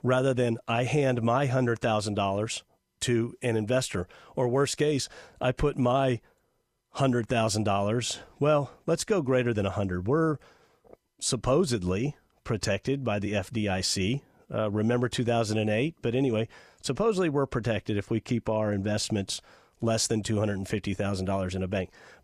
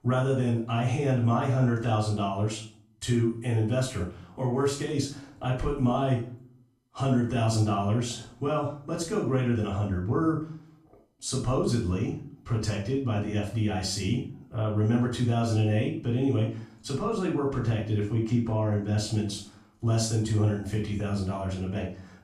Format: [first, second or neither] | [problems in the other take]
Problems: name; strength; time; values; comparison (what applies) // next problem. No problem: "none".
first | off-mic speech; far // room echo; noticeable; dies away in 0.4 s